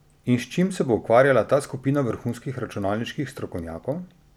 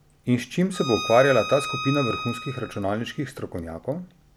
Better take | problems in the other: first | background sound (Bowed string instrument); 9 dB below the speech

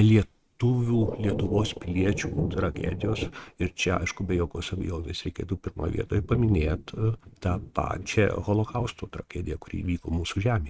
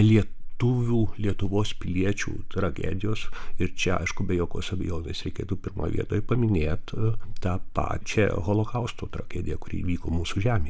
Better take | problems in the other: second | noise reduction (neural mask model RNNoise)

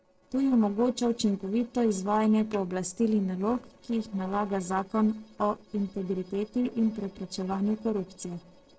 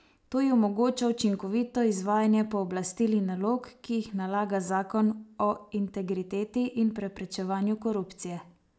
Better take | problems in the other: second | noise reduction (neural separator model SepFormer DNS4)

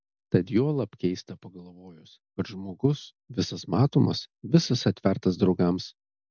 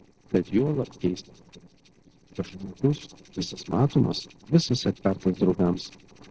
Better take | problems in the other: first | noise reduction (neural separator model SepFormer DNS4)

